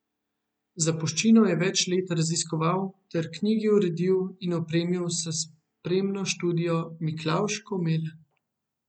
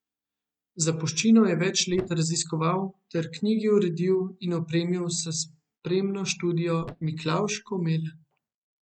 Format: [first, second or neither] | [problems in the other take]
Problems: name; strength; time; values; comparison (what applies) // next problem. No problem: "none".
first | noise reduction (neural mask model RNNoise)